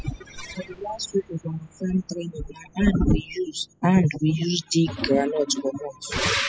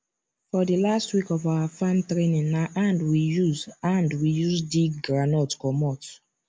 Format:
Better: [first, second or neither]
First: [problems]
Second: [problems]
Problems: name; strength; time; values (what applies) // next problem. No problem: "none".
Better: second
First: noise reduction (classical method spectral subtraction)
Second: none